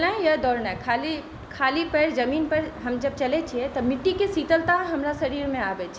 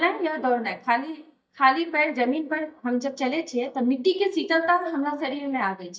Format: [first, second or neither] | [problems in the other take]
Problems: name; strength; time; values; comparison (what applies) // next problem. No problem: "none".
first | noise reduction (neural mask model DeepFilterNet 3)